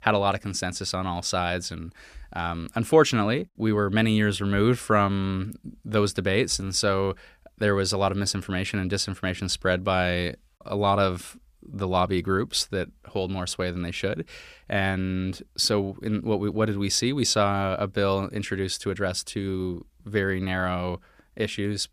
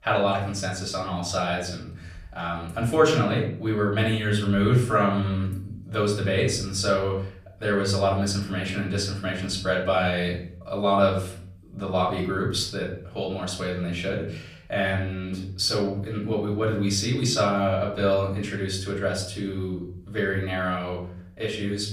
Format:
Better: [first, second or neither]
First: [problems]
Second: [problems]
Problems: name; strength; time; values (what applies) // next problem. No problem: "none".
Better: first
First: none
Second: off-mic speech; far // room echo; slight; dies away in 0.6 s